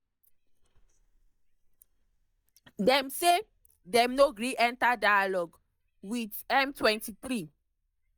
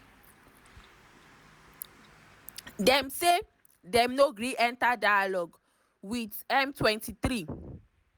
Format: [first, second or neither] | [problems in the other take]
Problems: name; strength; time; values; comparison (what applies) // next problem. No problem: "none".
second | noise reduction (neural mask model DeepFilterNet 3)